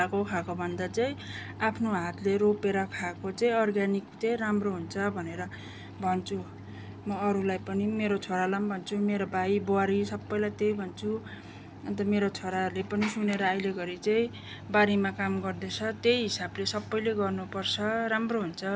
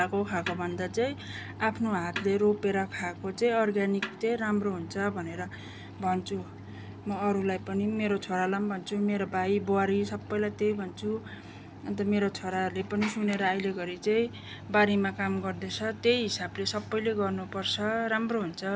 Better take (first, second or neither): first